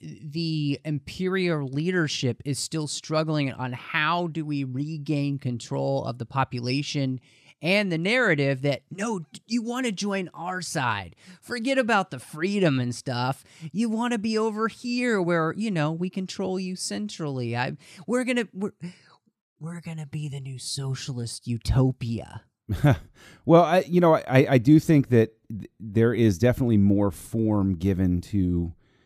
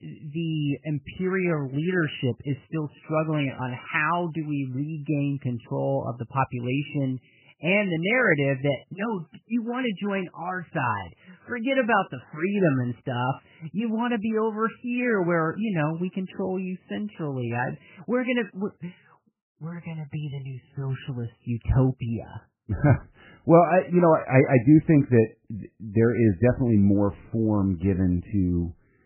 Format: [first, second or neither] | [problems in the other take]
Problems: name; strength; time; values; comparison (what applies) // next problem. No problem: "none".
first | garbled, watery; badly; nothing above 3 kHz